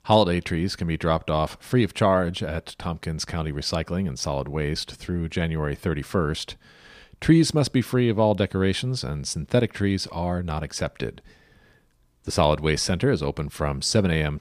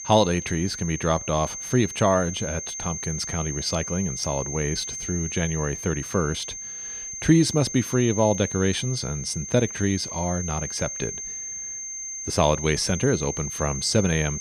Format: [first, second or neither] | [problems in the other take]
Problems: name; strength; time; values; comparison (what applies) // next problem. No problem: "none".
first | high-pitched whine; loud; throughout; 6.5 kHz, 6 dB below the speech